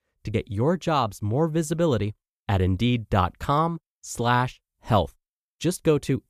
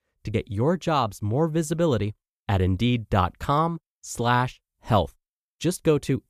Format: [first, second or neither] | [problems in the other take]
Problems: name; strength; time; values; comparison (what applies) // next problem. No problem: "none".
neither | none